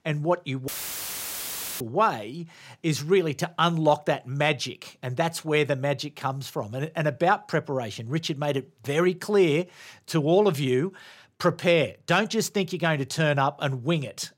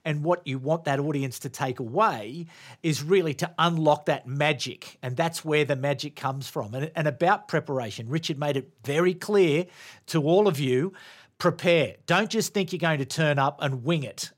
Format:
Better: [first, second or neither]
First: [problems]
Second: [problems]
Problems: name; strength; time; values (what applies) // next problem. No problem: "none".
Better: second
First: audio cutting out; filled with static; at 0.5 s for 1 s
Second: none